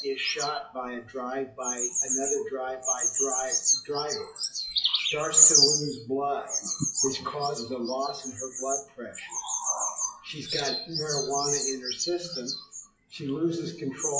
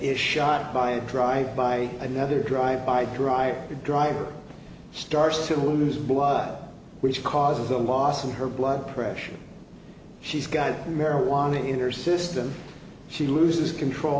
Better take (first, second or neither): second